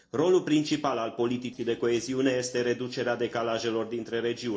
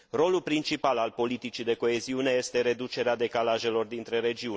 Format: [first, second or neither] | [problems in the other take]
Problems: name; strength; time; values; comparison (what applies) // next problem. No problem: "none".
second | noise reduction (neural separator model SepFormer DNS4)